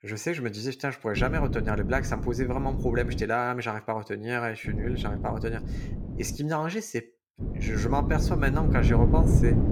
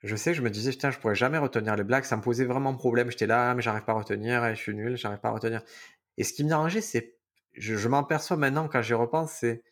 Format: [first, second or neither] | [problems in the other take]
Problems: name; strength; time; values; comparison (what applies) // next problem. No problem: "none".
second | wind noise on the microphone; heavy; from 1 to 3 s, from 4.5 to 6.5 s and from 7.5 s on; 7 dB below the speech